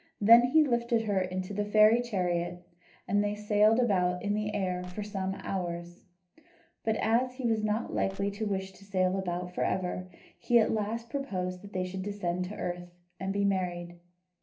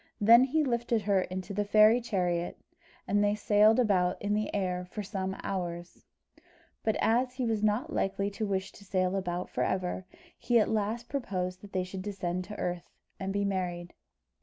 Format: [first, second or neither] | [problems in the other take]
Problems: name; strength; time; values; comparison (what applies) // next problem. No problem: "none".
second | background sound (Crushing); 17 dB below the speech // room echo; dies away in 0.3 s